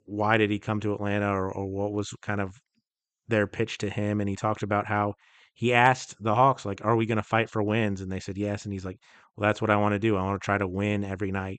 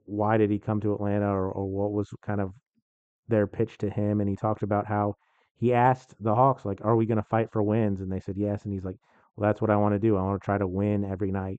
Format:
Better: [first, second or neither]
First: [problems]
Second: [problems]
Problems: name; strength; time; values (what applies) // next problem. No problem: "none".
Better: first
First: none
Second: muffled; very; fading above 1.5 kHz